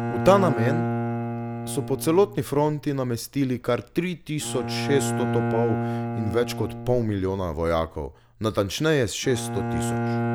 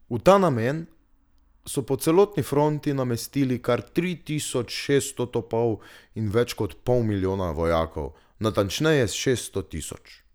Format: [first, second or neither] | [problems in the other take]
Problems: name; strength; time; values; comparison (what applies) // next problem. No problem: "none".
second | background sound (Bowed string instrument); 4 dB below the speech